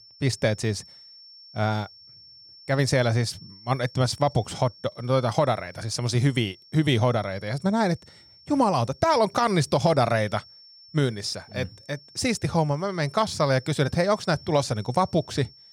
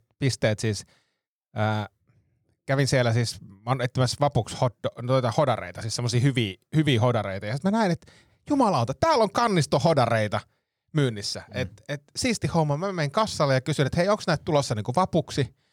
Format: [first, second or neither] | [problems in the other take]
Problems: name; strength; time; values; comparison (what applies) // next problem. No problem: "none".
second | high-pitched whine; faint; throughout; 5.5 kHz, 25 dB below the speech